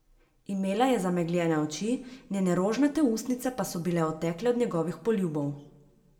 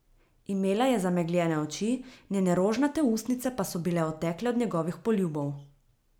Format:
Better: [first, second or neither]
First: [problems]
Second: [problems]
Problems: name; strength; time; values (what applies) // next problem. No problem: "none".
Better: second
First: room echo; dies away in 0.6 s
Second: none